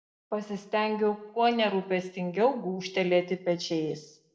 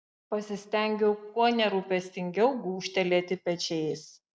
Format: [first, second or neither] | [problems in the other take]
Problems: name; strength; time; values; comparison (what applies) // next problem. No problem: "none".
second | room echo; dies away in 0.5 s